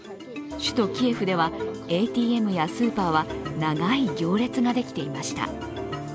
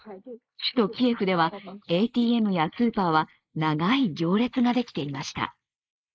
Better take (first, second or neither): first